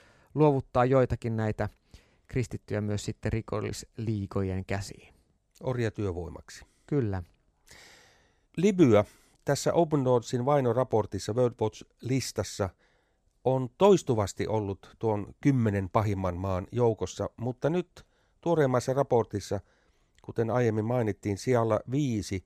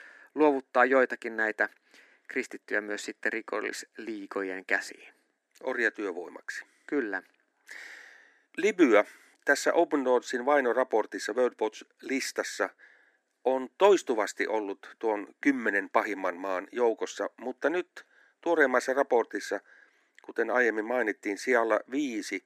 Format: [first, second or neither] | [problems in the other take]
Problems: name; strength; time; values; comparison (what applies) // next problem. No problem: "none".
first | thin; somewhat; fading below 250 Hz